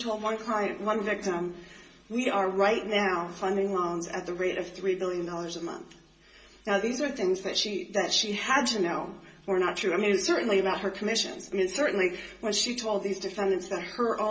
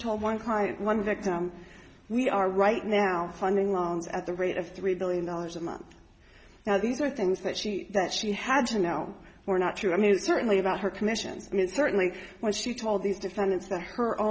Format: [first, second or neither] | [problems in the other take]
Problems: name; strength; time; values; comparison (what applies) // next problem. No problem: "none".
second | room echo; dies away in 0.2 s